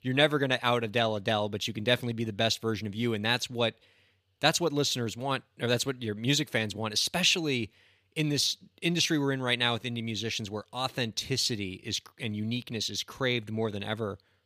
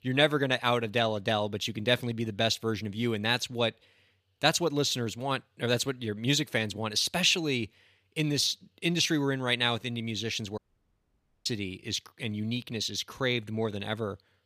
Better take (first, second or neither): first